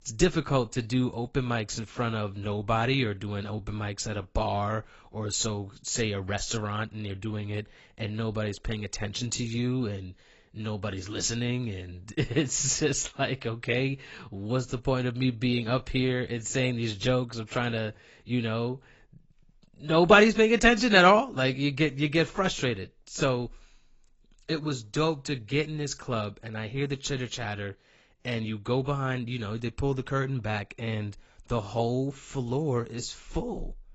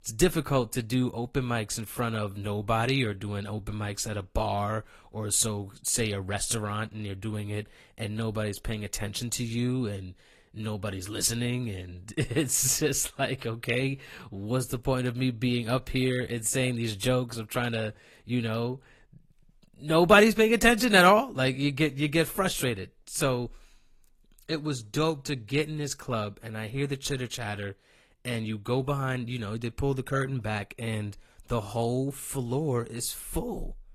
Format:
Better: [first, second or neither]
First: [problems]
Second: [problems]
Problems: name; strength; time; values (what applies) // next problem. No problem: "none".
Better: second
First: garbled, watery; badly; nothing above 7.5 kHz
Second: garbled, watery; slightly; nothing above 13.5 kHz